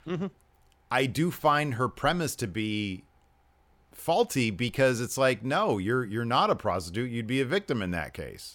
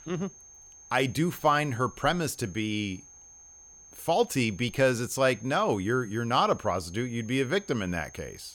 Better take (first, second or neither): first